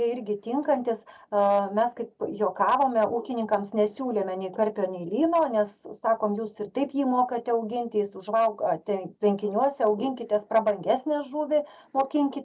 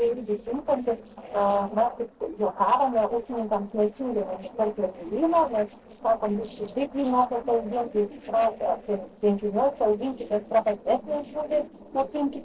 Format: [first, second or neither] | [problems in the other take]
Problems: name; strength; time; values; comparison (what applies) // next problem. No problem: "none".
first | noise reduction (neural separator model SepFormer DNS4)